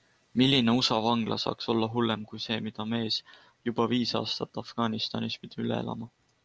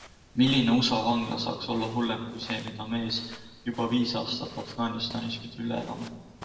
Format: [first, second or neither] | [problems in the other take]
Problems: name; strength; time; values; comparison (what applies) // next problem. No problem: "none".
first | background sound (Walk, footsteps); 19 dB below the speech // room echo; dies away in 1 s